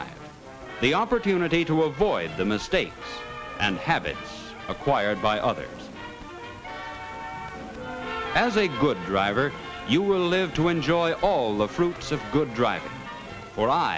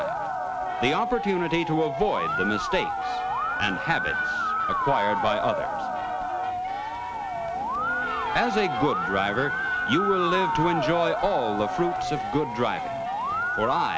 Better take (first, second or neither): first